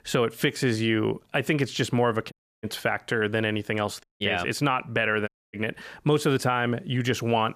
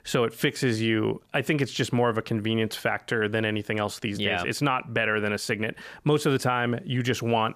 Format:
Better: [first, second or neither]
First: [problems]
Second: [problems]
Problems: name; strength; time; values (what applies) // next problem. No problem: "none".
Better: second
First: audio cutting out; at 2.5 s, at 4 s and at 5.5 s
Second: none